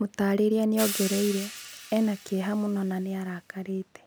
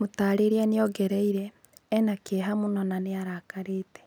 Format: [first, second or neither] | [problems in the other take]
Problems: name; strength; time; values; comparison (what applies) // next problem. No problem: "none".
second | background sound (Hi-hat); 12 dB below the speech